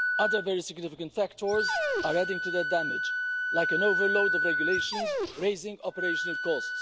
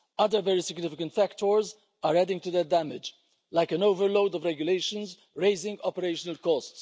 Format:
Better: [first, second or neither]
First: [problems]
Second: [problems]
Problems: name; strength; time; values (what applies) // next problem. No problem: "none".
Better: second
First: background sound (Dog + Wind instrument, woodwind instrument); 1 dB above the speech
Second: none